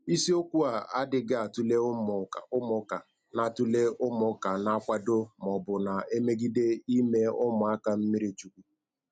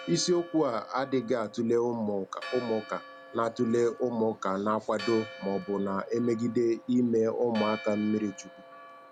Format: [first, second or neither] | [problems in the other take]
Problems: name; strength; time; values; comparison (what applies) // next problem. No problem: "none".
first | background sound (Church bell); 17 dB below the speech